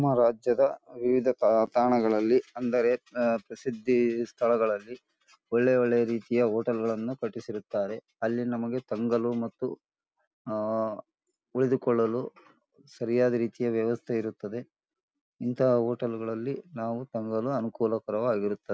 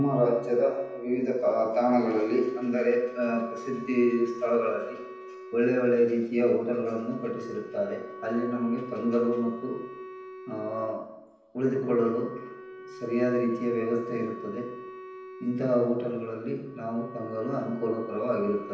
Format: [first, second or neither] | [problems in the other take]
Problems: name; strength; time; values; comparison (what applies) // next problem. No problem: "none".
first | background sound (Wind instrument, woodwind instrument); 15 dB below the speech // room echo; dies away in 0.9 s